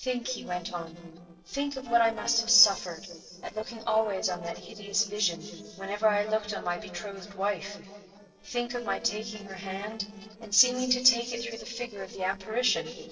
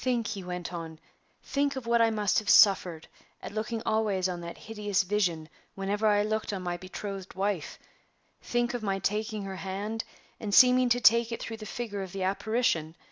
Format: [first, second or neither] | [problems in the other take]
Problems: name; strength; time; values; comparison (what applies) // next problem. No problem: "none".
second | noise reduction (neural separator model SepFormer DNS4)